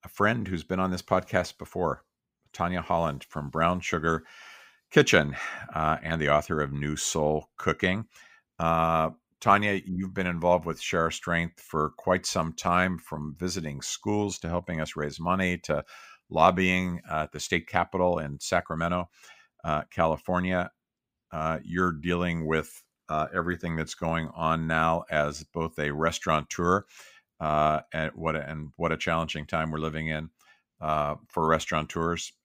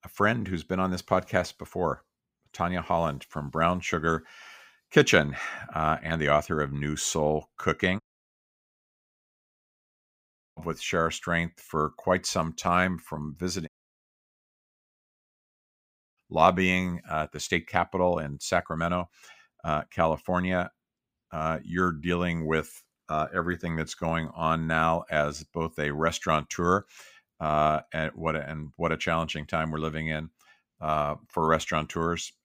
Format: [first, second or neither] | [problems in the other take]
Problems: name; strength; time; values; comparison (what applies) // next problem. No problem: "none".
first | audio cutting out; at 8 s for 2.5 s and at 14 s for 2.5 s